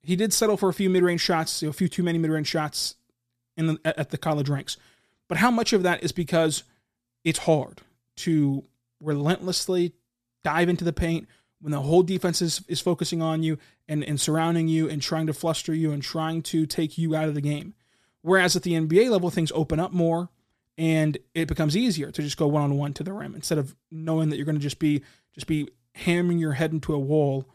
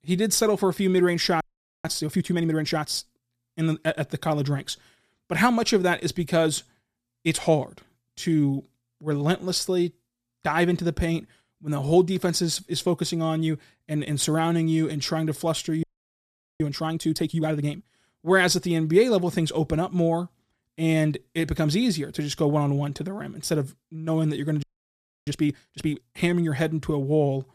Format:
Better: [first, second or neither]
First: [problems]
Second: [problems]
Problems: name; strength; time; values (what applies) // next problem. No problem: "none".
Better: first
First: none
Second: audio freezing; at 1.5 s, at 16 s for 1 s and at 25 s for 0.5 s